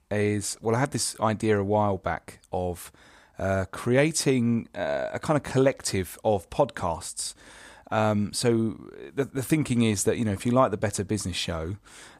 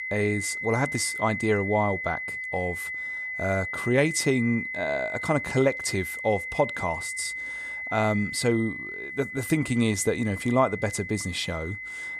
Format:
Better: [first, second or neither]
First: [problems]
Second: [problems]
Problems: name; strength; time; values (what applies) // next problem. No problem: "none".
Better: first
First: none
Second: high-pitched whine; loud; throughout; 2 kHz, 5 dB below the speech